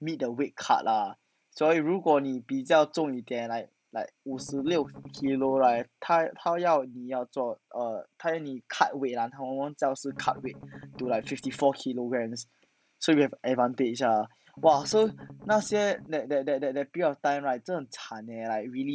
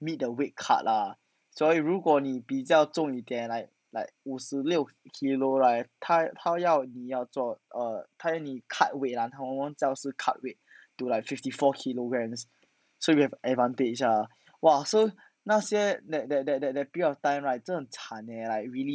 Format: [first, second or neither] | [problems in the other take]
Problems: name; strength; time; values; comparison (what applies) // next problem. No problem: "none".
second | background sound (Strum); 17 dB below the speech